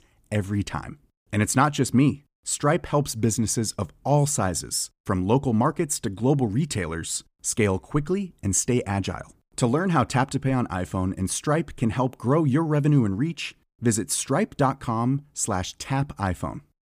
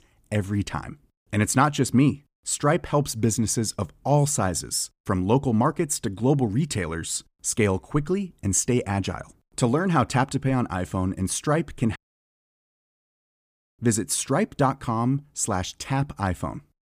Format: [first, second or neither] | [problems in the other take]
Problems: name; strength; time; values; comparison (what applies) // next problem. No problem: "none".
first | audio cutting out; at 12 s for 1.5 s